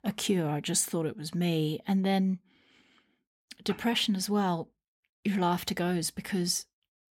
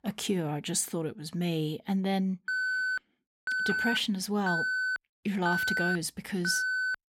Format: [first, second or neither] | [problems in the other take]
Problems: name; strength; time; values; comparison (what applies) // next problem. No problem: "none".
first | alarm; loud; from 2.5 s on; peak 3 dB above the speech